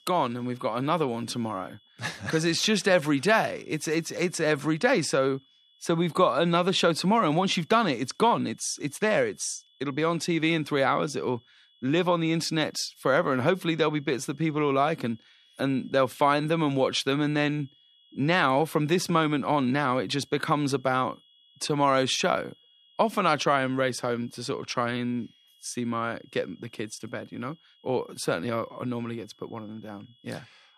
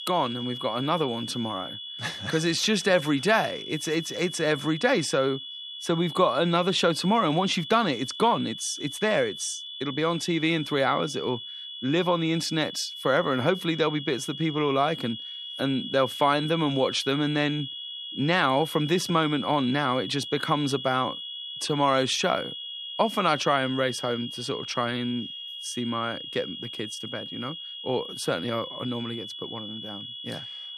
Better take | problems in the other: first | high-pitched whine; loud; throughout; 3.5 kHz, 9 dB below the speech; faint in the first

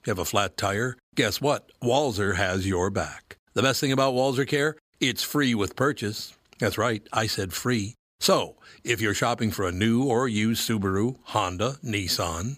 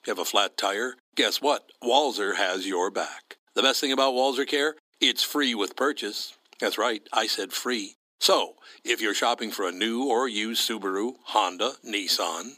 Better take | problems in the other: first | thin; somewhat; fading below 250 Hz

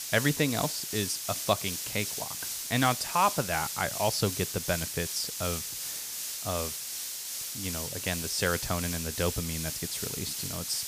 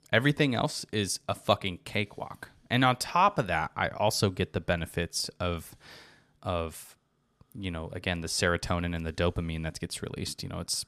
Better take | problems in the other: second | hiss; loud; throughout; 2 dB below the speech

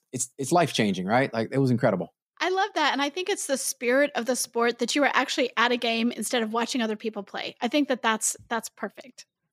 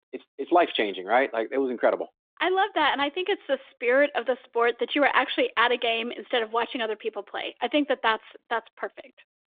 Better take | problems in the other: first | phone-call audio

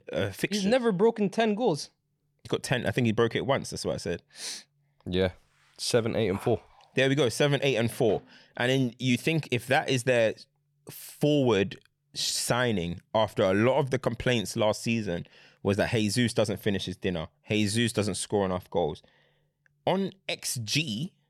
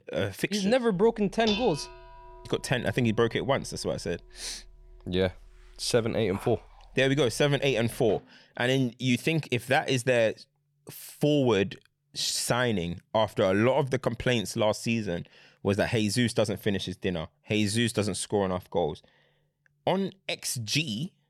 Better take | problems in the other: first | clattering dishes; noticeable; from 1.5 to 7 s; peak 5 dB below the speech

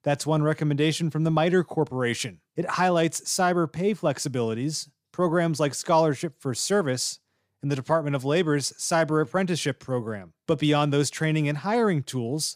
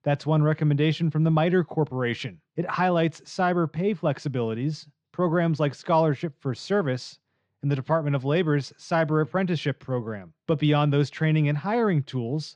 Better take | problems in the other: first | muffled; slightly; fading above 3.5 kHz

